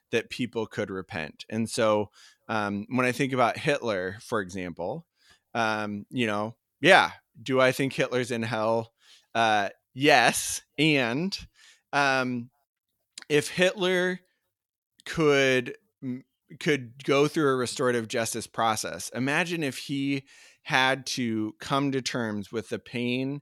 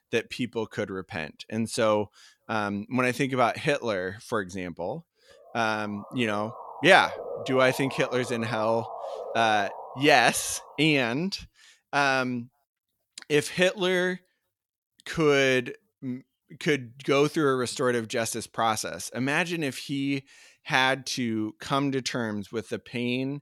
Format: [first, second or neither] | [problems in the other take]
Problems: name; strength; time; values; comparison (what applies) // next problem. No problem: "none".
first | siren; noticeable; from 5.5 to 11 s; peak 9 dB below the speech